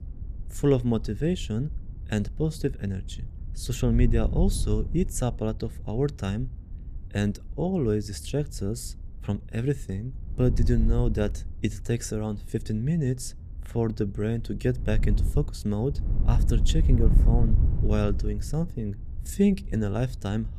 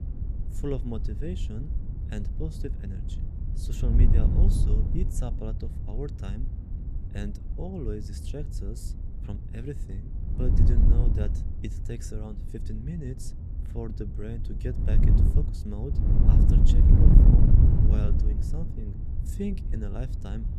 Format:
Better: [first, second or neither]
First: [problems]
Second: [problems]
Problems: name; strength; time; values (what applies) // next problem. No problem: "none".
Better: first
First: wind noise on the microphone; occasional gusts; 15 dB below the speech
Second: wind noise on the microphone; heavy; 2 dB above the speech